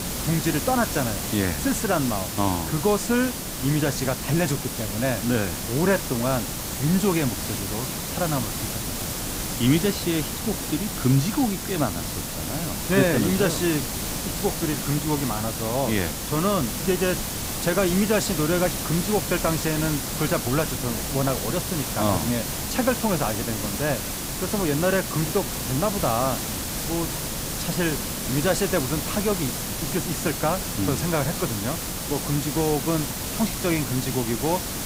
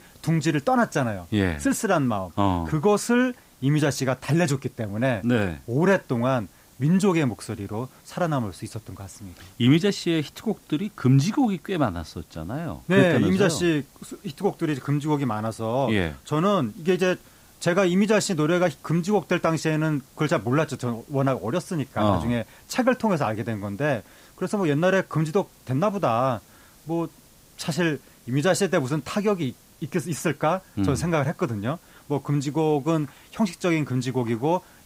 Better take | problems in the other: second | hiss; loud; throughout; 3 dB below the speech; faint in the second

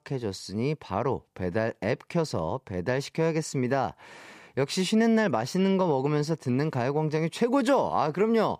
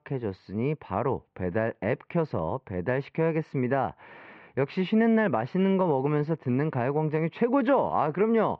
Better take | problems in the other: first | muffled; very; fading above 2.5 kHz

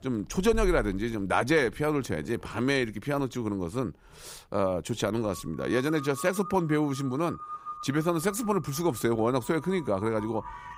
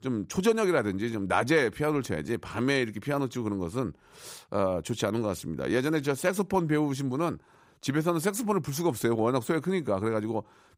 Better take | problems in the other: second | animal sounds; noticeable; throughout; 15 dB below the speech

